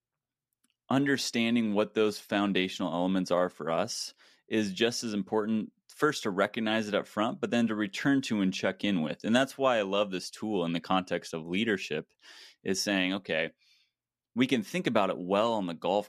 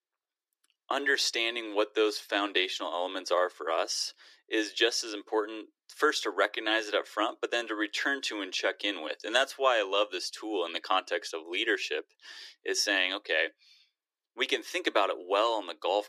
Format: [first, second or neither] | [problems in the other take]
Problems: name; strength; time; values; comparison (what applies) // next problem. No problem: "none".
first | thin; very; fading below 300 Hz